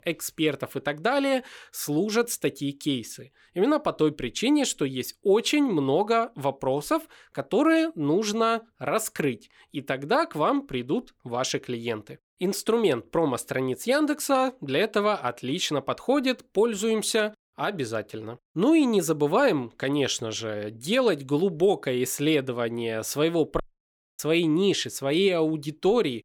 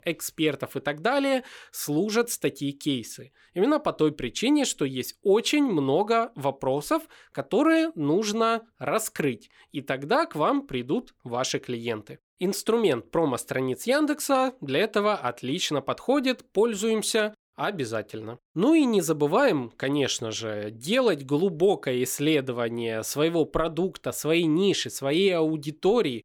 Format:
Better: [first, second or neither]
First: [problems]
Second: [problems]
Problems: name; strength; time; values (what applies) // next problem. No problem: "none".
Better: second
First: audio cutting out; at 24 s for 0.5 s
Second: none